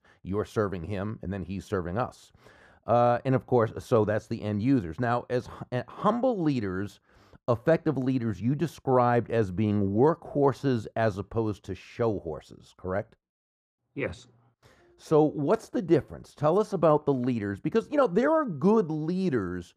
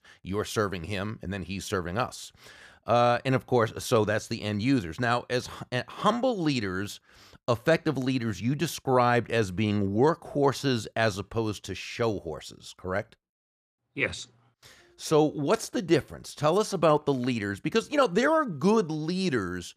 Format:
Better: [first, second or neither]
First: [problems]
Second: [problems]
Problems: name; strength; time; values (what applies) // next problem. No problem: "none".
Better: second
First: muffled; slightly; fading above 1.5 kHz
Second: none